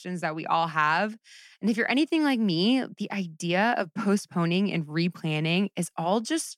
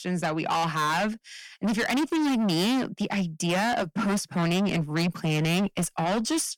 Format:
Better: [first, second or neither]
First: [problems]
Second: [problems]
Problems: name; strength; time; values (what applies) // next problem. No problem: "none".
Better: first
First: none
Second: distortion; heavy; 6 dB below the speech